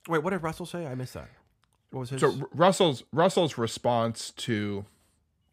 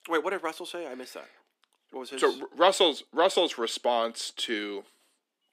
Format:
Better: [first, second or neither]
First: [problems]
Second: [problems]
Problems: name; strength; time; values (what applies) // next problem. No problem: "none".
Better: first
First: none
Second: thin; somewhat; fading below 250 Hz